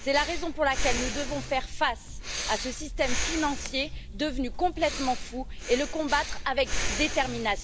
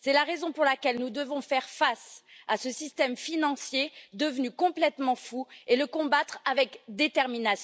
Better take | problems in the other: second | background sound (Breathing); 3 dB below the speech

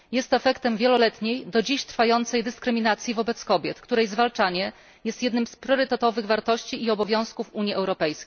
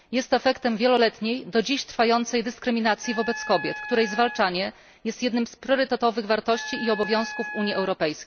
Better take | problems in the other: first | background sound (Wind instrument, woodwind instrument); 11 dB below the speech

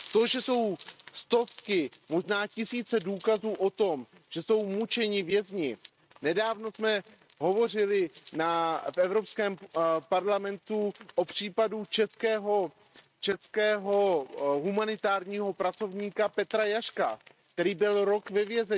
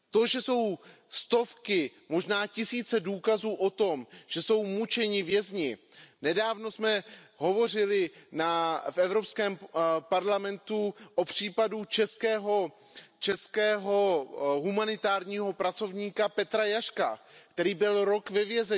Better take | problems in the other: second | noise reduction (neural mask model RNNoise)

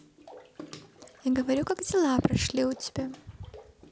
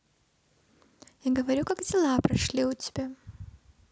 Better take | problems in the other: second | background sound (Bathtub (filling or washing) / Water / Splash, splatter); 20 dB below the speech

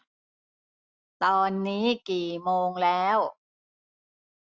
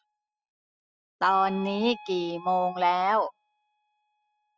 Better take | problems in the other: first | noise reduction (classical method spectral subtraction)

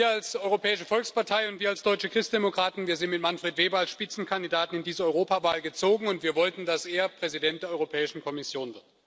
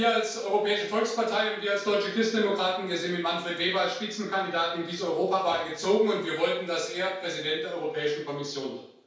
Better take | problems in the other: first | room echo; dies away in 0.5 s

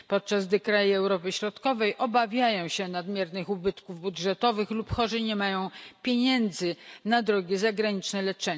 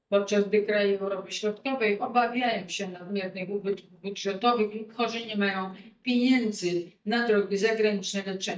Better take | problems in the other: first | noise reduction (neural mask model DeepFilterNet 3)

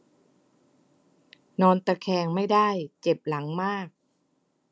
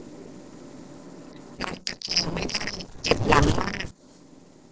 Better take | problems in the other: first | noise reduction (neural separator model SepFormer DNS4)

